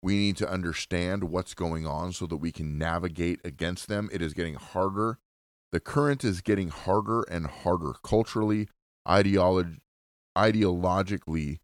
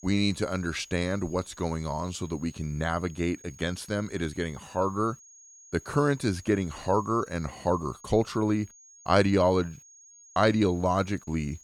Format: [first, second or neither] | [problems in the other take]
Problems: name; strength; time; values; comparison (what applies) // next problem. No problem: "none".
first | high-pitched whine; faint; throughout; 6.5 kHz, 20 dB below the speech